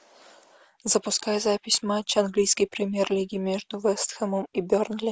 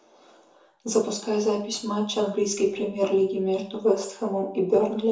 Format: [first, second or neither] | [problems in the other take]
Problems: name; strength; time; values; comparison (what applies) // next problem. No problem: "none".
first | room echo; dies away in 0.6 s